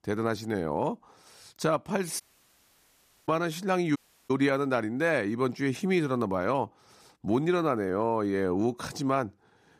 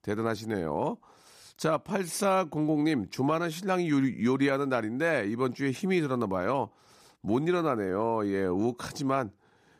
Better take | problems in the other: second | audio cutting out; at 2 s for 1 s and at 4 s

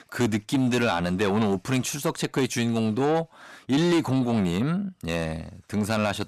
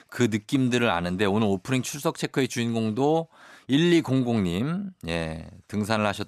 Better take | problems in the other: second | distortion; slight; 10 dB below the speech

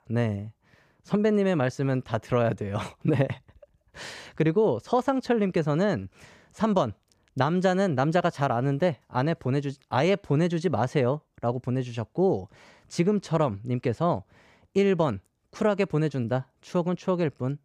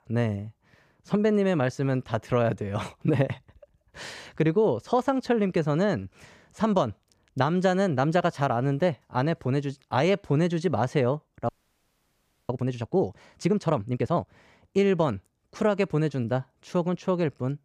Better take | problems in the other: first | audio freezing; at 11 s for 1 s

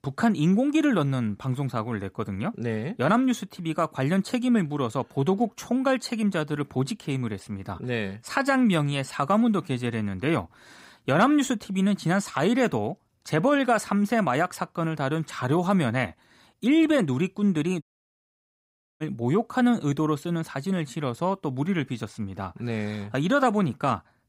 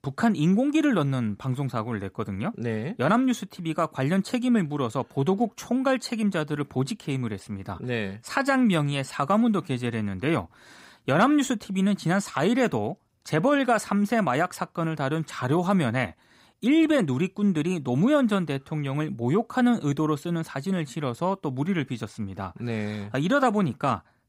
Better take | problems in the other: second | audio cutting out; at 18 s for 1 s

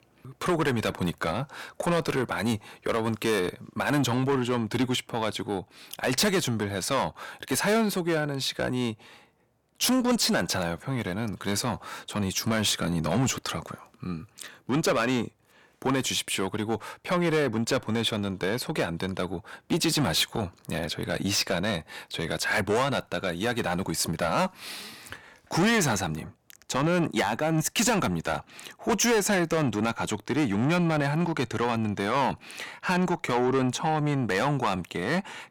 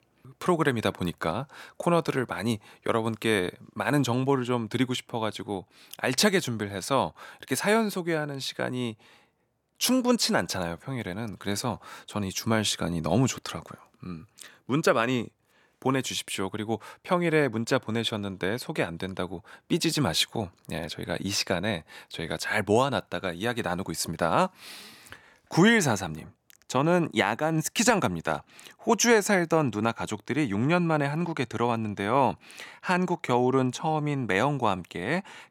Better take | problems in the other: second | distortion; heavy; 7 dB below the speech

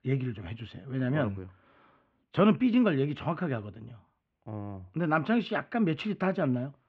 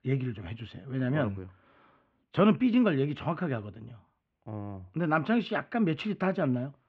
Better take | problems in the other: neither | muffled; very; fading above 2.5 kHz; the same in both

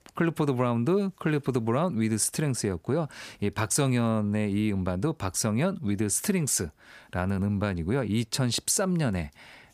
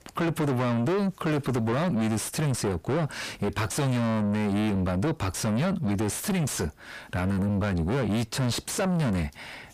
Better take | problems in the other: first | distortion; heavy; 5 dB below the speech

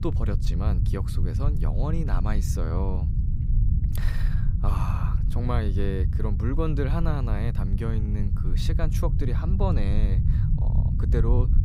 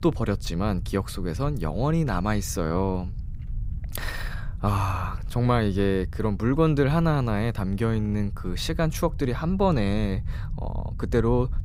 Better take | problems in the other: second | low rumble; loud; throughout; 6 dB below the speech; faint in the second

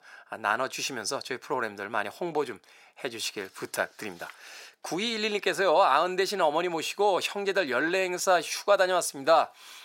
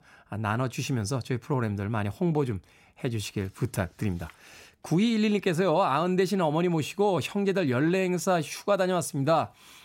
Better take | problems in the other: second | thin; very; fading below 550 Hz

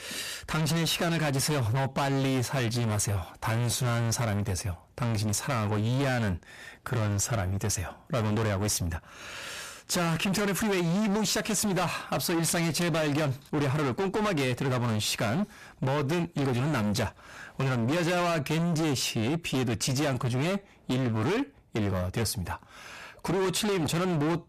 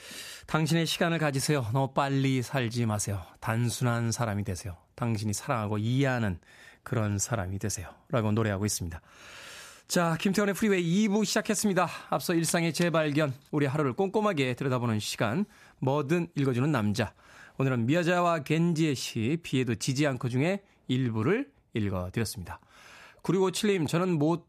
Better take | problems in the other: second | distortion; heavy; 33% of the sound clipped

